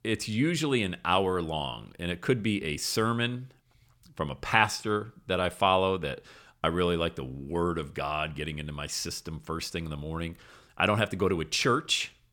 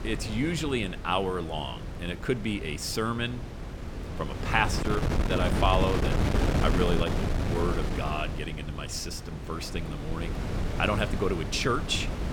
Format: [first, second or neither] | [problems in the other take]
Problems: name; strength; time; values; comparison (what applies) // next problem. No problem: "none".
first | wind noise on the microphone; heavy; 6 dB below the speech